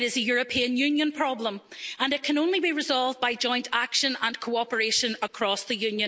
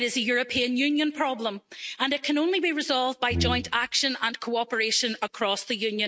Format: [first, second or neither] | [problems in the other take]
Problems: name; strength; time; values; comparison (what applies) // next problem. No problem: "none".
first | noise reduction (neural mask model RNNoise)